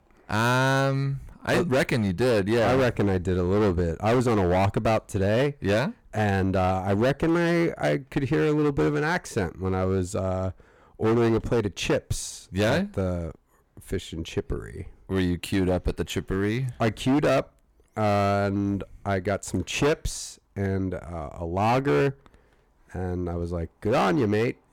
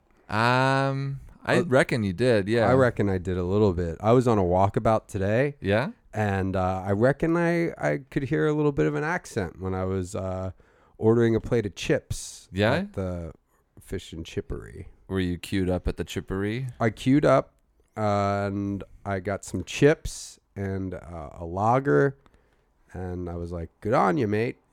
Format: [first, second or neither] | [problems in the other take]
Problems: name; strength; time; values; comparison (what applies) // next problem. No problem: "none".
second | distortion; heavy; 12% of the sound clipped